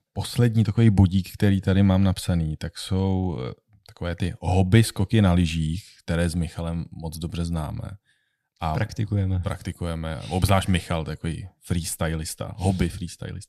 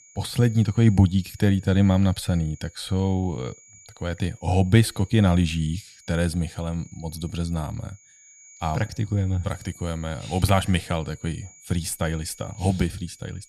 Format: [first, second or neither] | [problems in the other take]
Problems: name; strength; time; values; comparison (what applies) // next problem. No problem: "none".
first | high-pitched whine; faint; throughout; 6.5 kHz, 25 dB below the speech